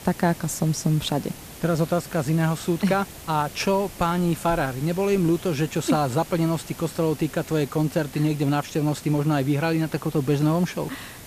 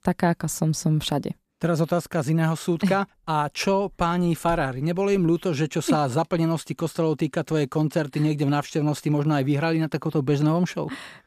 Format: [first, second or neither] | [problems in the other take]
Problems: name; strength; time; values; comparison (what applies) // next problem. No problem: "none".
second | hiss; noticeable; throughout; 15 dB below the speech